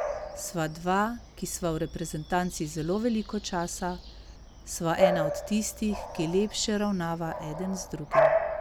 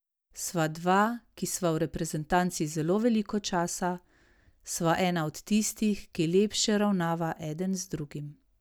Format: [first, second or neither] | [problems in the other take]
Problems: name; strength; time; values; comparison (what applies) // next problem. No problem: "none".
second | background sound (Bark / Bird vocalization, bird call, bird song); 2 dB below the speech